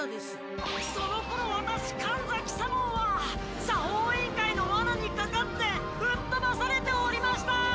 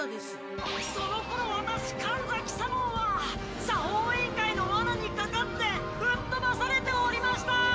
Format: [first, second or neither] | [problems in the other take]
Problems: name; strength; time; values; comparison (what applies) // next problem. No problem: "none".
first | room echo; dies away in 1.9 s